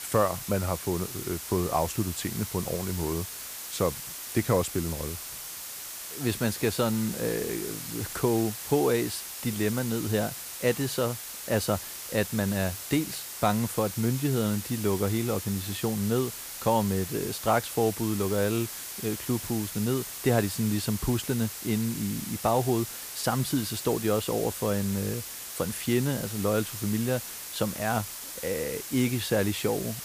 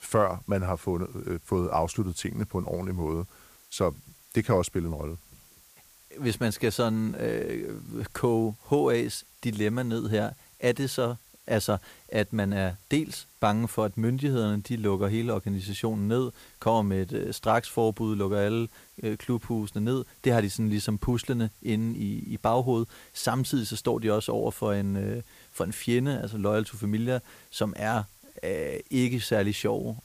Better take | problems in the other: second | hiss; loud; throughout; 7 dB below the speech; faint in the second

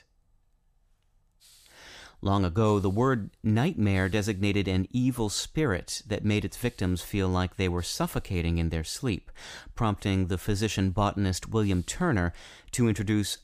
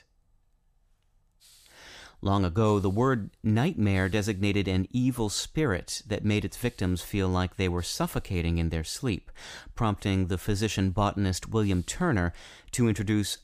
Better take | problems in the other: neither | hiss; faint; from 1.5 to 4.5 s, from 6.5 to 9 s and from 11 to 12 s; 30 dB below the speech; the same in both

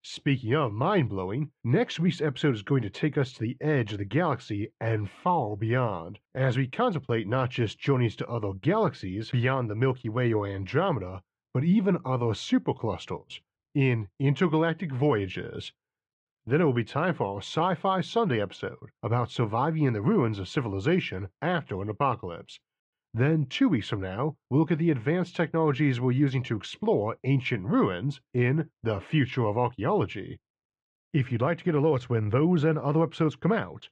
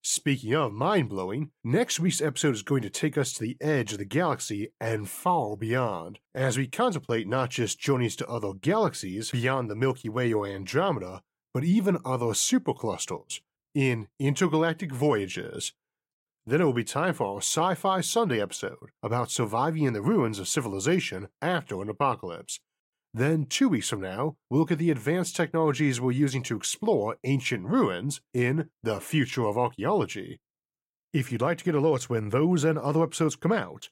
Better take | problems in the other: second | muffled; slightly; fading above 3.5 kHz

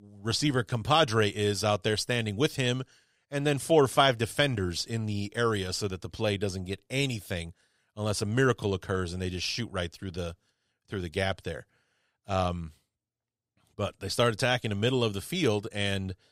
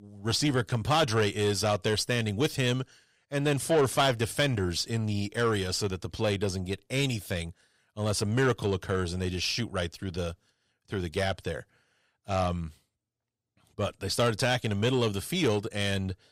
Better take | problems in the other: first | distortion; slight; 10 dB below the speech

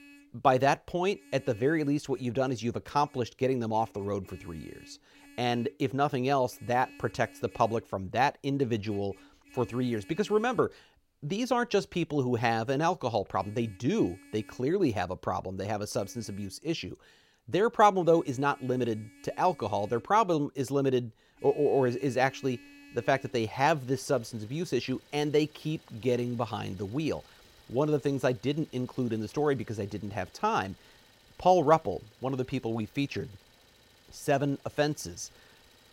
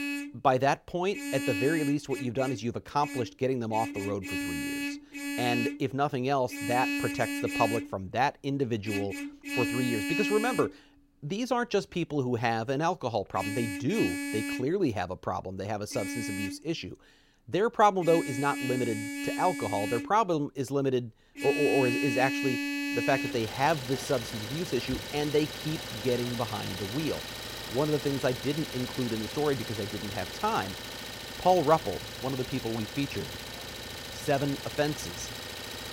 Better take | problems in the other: first | traffic noise; loud; throughout; 4 dB below the speech; faint in the first

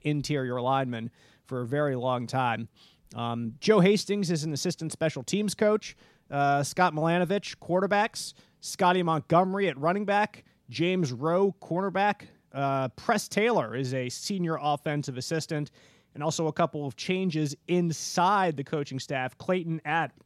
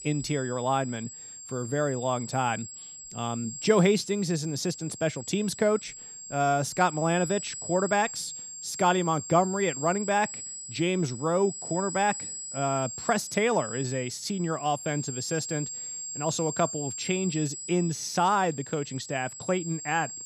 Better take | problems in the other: first | high-pitched whine; loud; throughout; 7.5 kHz, 9 dB below the speech

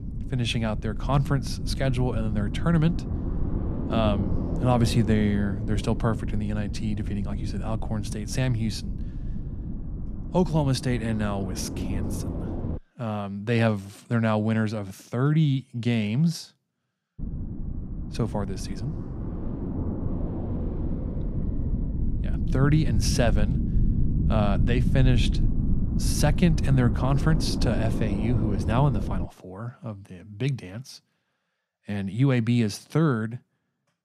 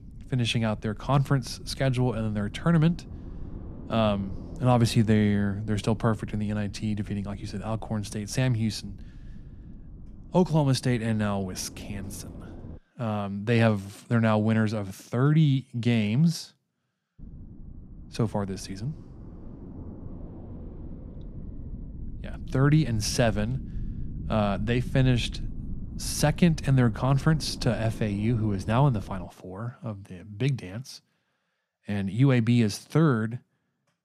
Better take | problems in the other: second | low rumble; loud; until 13 s and from 17 to 29 s; 9 dB below the speech; faint in the second

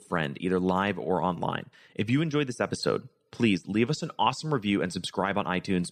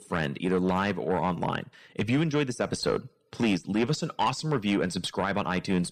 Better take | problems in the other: first | distortion; slight; 10 dB below the speech

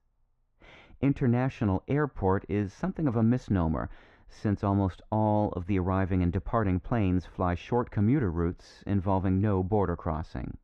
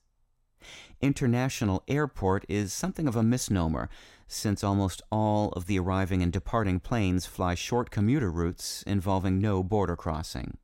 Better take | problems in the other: second | muffled; very; fading above 2 kHz

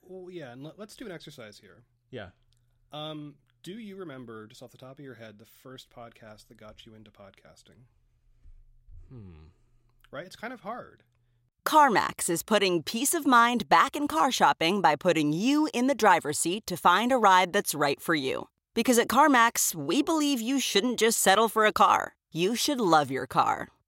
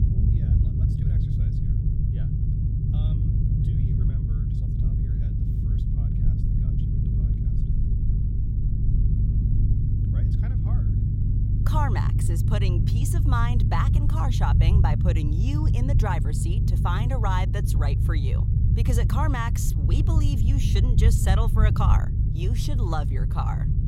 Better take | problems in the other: first | low rumble; loud; throughout; 5 dB below the speech

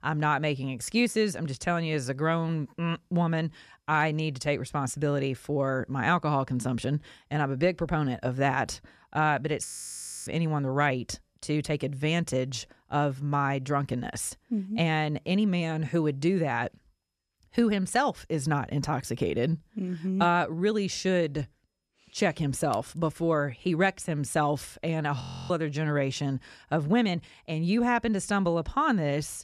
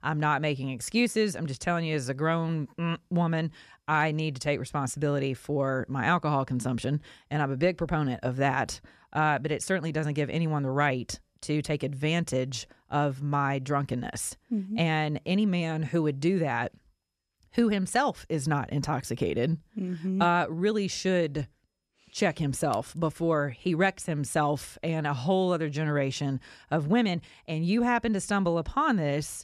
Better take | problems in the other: second | audio freezing; at 9.5 s for 0.5 s and at 25 s

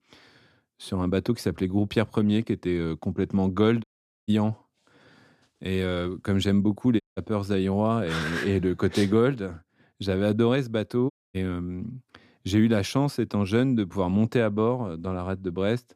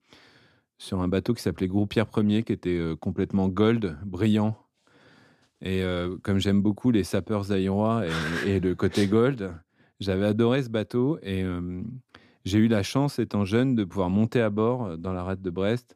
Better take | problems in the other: second | audio cutting out; at 4 s, at 7 s and at 11 s

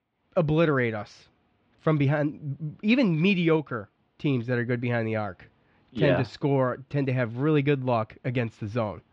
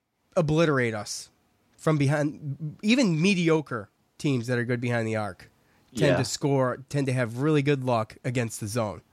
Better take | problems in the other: second | muffled; slightly; fading above 3.5 kHz

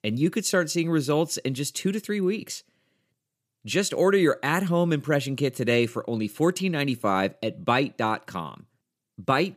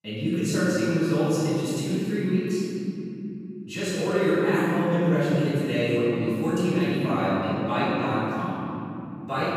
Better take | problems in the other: first | room echo; strong; dies away in 3 s // off-mic speech; far

